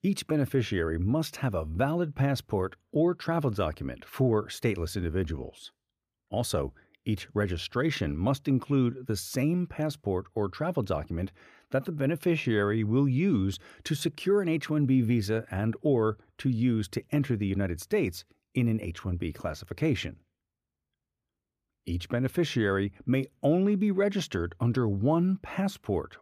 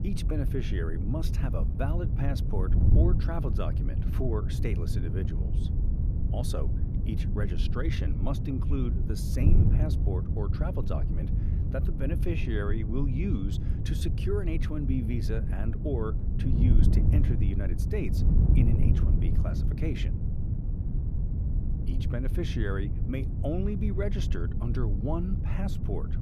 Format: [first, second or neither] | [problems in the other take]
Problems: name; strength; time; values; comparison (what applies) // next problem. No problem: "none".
first | wind noise on the microphone; heavy; 4 dB below the speech